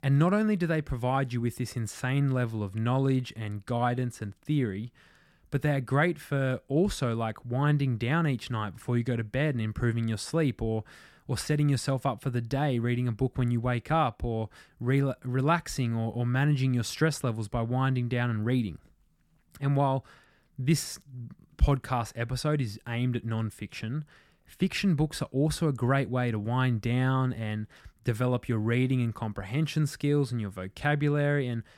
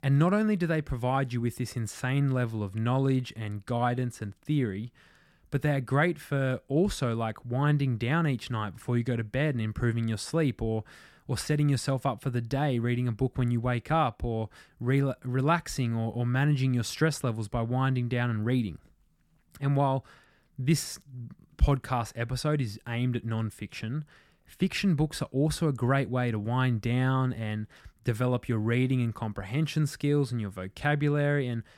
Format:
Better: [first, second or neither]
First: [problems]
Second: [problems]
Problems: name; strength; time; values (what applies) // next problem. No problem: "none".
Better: neither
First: none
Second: none